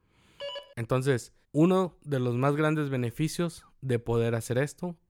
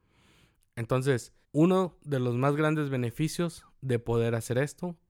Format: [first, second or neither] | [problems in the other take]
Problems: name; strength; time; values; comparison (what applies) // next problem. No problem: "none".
second | phone ringing; faint; at 0.5 s; peak 10 dB below the speech